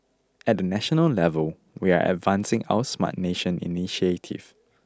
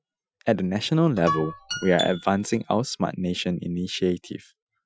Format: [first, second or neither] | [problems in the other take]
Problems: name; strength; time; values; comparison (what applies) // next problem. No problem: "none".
first | noise reduction (classical method Wiener filter)